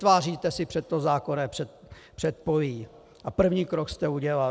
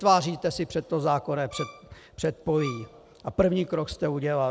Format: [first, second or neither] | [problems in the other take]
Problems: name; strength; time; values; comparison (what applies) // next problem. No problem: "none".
first | background sound (Bowed string instrument); 15 dB below the speech